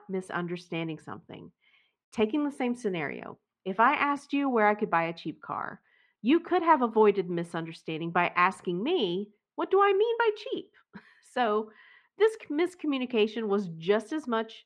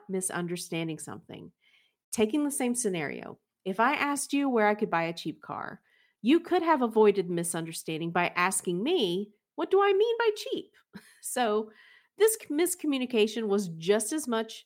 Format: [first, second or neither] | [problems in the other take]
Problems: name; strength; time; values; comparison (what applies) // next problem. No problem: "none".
second | muffled; slightly; fading above 2.5 kHz